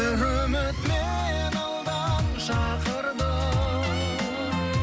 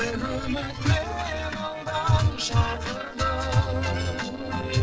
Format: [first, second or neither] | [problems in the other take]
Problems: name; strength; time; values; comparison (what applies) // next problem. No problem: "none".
first | noise reduction (neural separator model SepFormer DNS4)